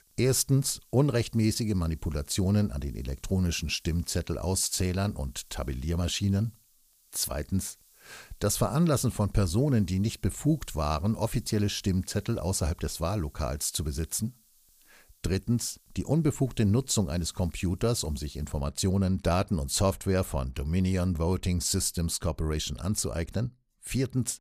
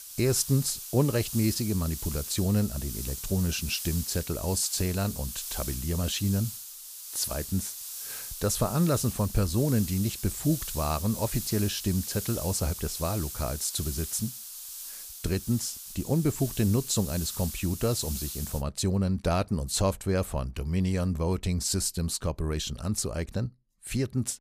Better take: first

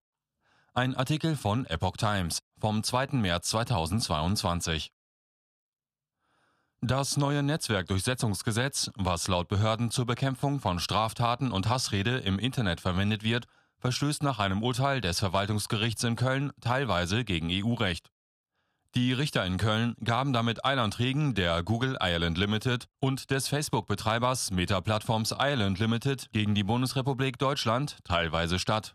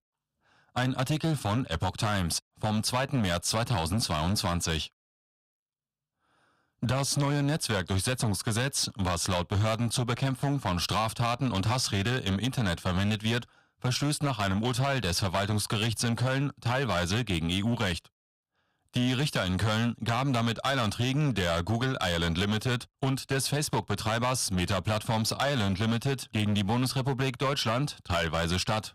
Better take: first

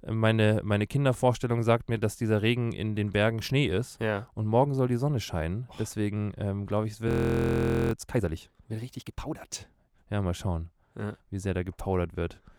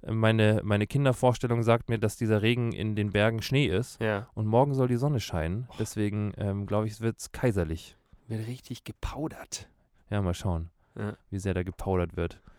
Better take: second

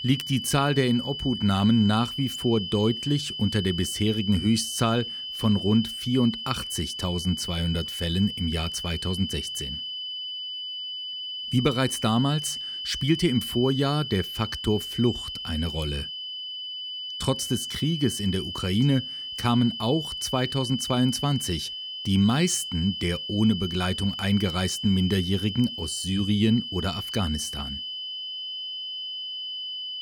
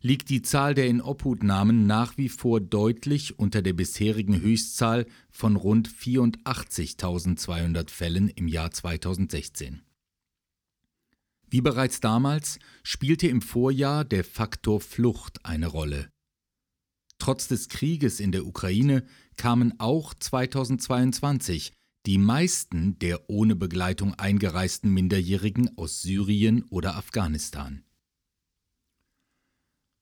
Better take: second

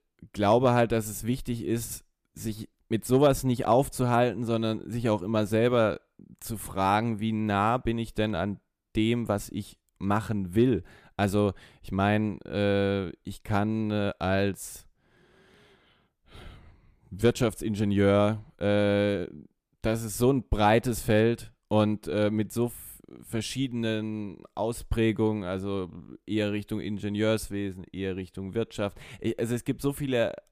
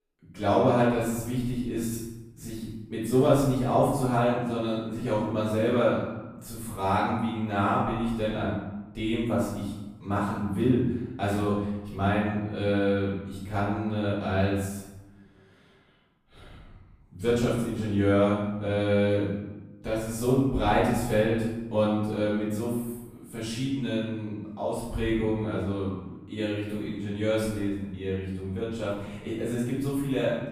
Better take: first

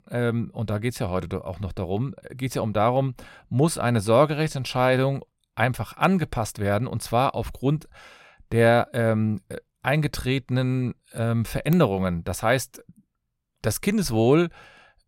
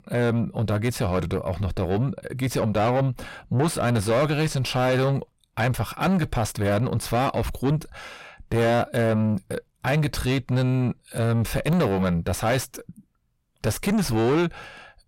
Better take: first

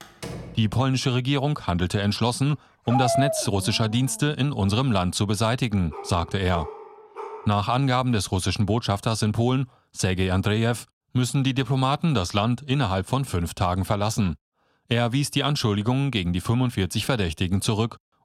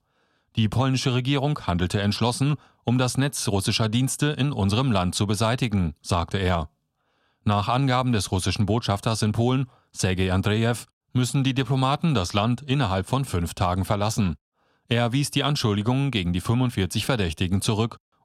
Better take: second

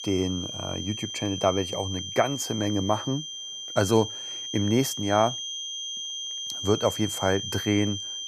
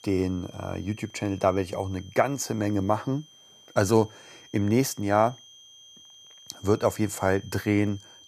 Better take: second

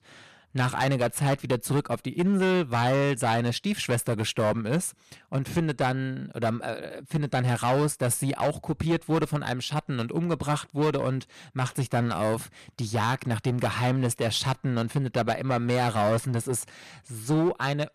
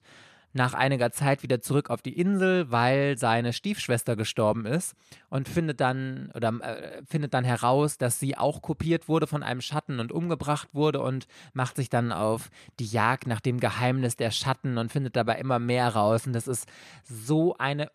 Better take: second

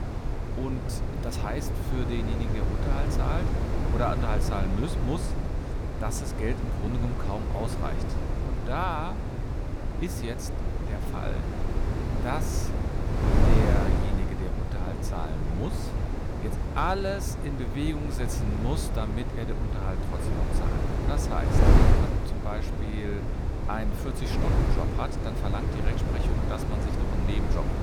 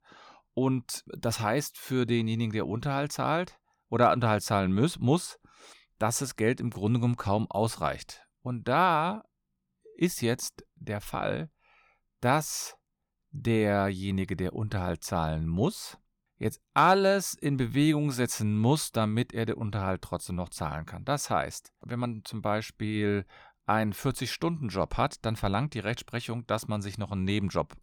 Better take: second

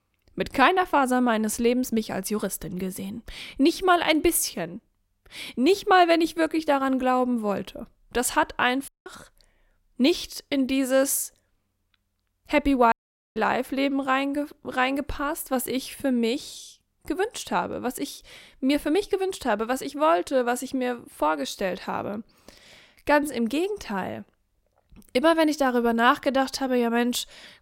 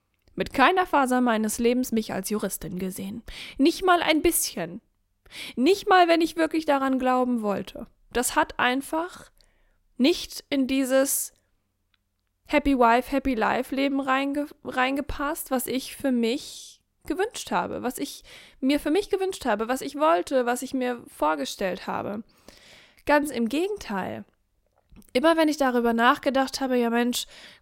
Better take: second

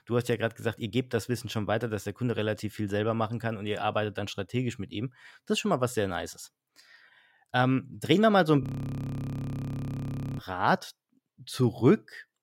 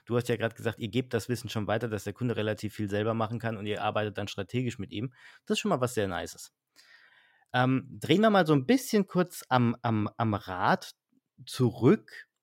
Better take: second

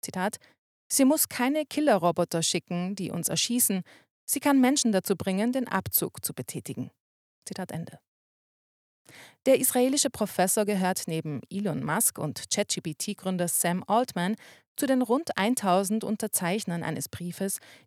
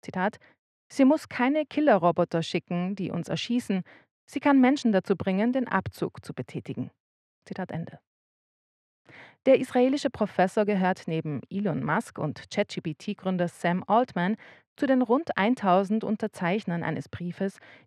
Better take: first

